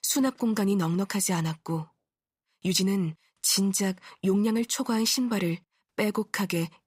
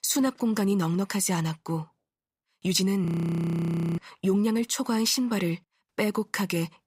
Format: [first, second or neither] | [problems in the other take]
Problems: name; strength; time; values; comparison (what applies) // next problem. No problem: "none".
first | audio freezing; at 3 s for 1 s